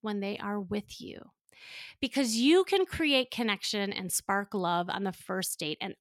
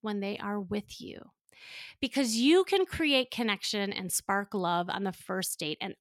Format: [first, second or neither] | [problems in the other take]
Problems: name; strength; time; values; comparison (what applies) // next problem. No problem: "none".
neither | none